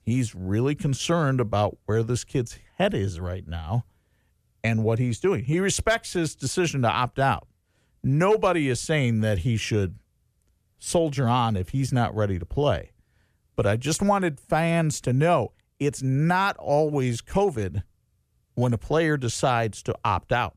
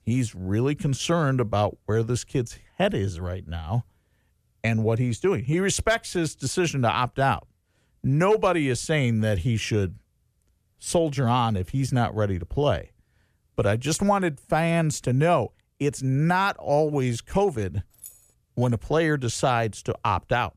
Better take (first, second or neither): first